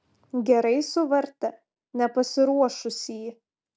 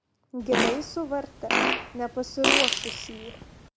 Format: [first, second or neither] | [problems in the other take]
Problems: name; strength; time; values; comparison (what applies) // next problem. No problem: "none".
first | background sound (Fart); 4 dB above the speech